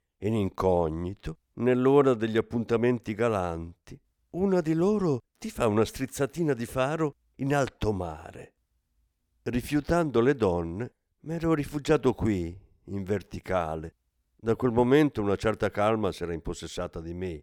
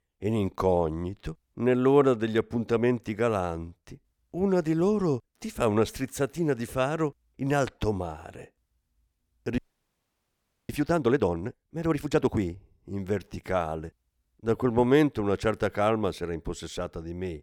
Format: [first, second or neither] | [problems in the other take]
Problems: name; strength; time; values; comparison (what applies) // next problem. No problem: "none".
first | audio freezing; at 9.5 s for 1 s